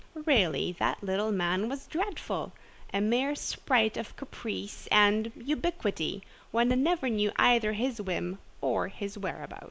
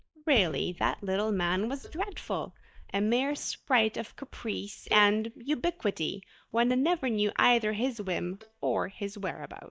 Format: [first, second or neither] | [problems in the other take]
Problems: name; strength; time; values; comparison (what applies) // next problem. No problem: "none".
first | noise reduction (neural mask model DeepFilterNet 3)